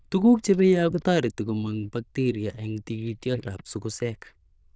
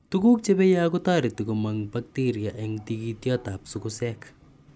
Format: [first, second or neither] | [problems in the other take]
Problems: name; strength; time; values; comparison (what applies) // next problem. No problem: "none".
second | noise reduction (neural diffusion model UNIVERSE++)